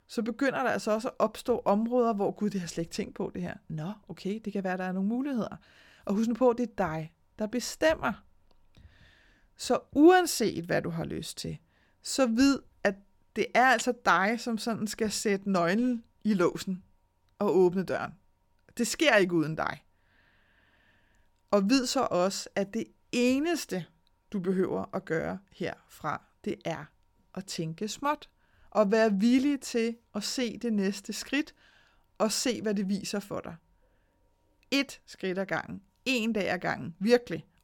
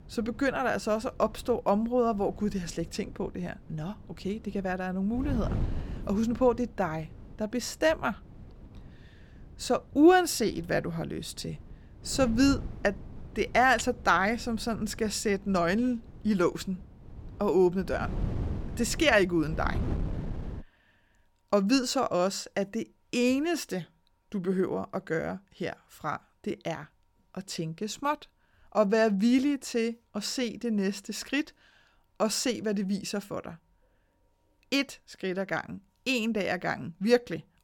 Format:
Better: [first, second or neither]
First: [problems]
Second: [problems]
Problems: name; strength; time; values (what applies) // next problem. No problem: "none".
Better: first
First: none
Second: wind noise on the microphone; occasional gusts; until 21 s; 20 dB below the speech